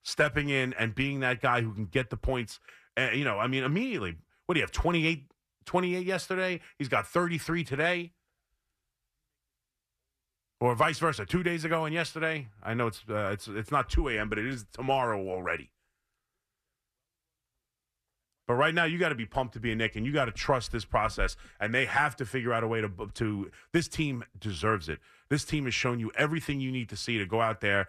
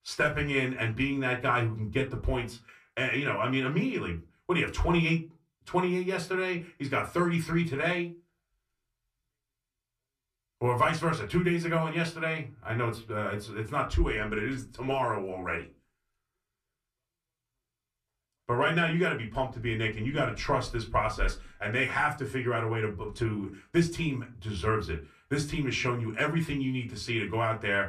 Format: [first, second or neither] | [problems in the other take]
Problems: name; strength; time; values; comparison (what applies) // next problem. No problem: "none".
first | off-mic speech; somewhat distant // room echo; very slight; dies away in 0.2 s